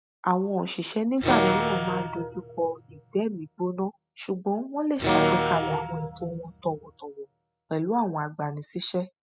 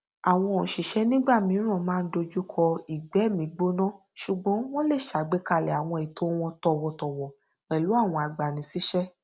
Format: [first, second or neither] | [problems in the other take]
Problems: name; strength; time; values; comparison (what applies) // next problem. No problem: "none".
second | noise reduction (classical method spectral subtraction)